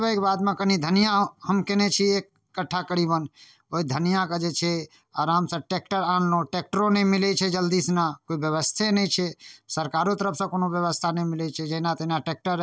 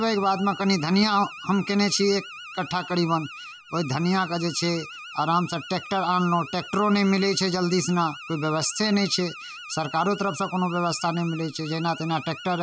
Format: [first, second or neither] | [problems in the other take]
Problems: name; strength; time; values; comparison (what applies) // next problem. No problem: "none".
first | background sound (Alarm); 15 dB below the speech